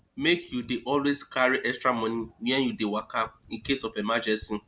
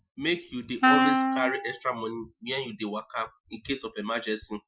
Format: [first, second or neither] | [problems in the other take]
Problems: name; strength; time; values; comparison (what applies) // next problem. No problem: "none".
first | noise reduction (classical method Wiener filter)